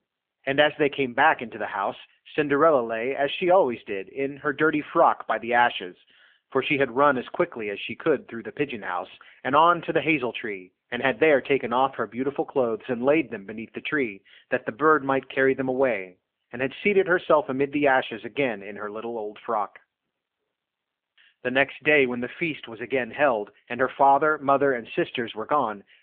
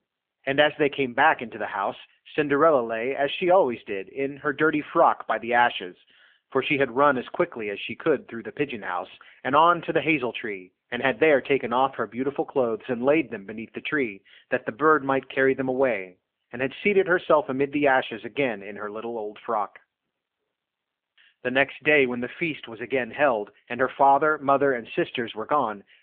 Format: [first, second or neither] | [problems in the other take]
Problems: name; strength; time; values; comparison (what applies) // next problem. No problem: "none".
neither | phone-call audio; the same in both